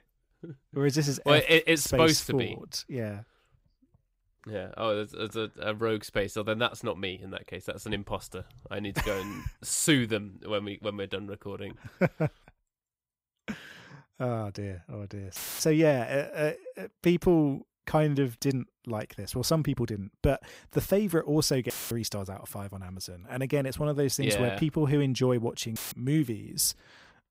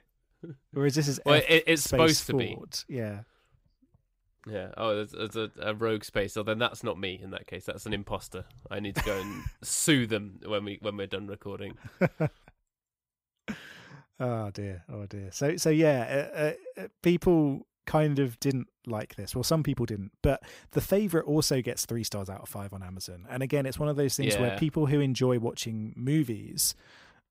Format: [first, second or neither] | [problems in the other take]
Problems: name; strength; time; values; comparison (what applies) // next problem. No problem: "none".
second | audio cutting out; filled with static; at 15 s, at 22 s and at 26 s